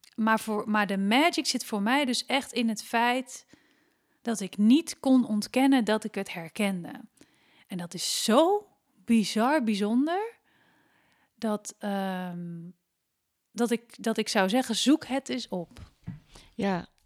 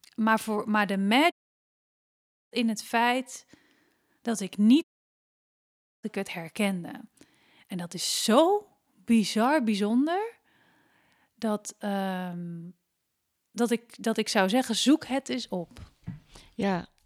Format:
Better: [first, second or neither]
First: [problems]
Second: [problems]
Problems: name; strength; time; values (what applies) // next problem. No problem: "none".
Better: first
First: none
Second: audio cutting out; at 1.5 s for 1 s and at 5 s for 1 s